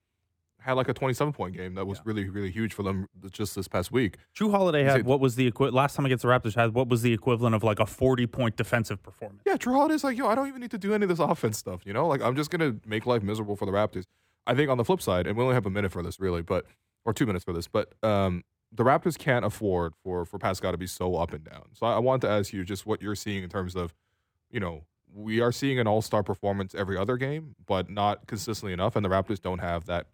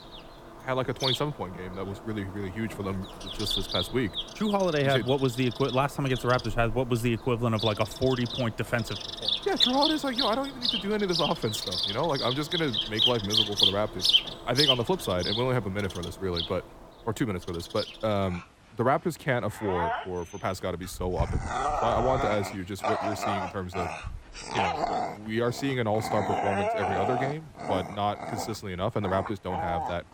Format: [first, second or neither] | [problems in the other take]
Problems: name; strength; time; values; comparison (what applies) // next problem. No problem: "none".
first | animal sounds; very loud; throughout; as loud as the speech